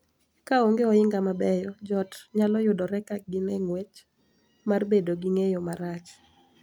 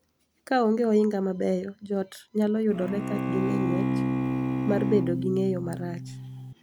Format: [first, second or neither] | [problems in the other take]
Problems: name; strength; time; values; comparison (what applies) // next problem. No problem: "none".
first | background sound (Bowed string instrument); 1 dB below the speech